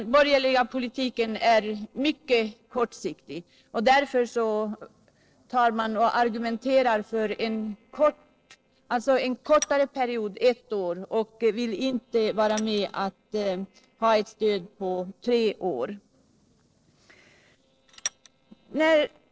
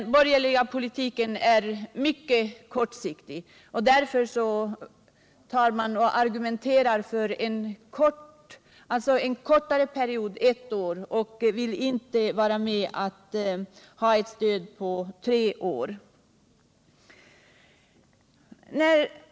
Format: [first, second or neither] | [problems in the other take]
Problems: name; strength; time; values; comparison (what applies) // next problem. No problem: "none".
second | noise reduction (neural separator model SepFormer DNS4)